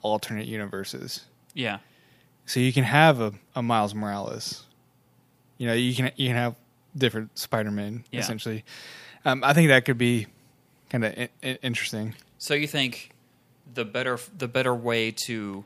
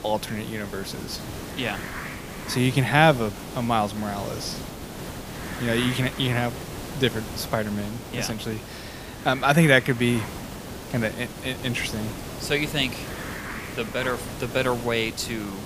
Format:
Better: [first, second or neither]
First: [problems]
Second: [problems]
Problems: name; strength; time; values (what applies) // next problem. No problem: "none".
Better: first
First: none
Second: hiss; noticeable; throughout; 10 dB below the speech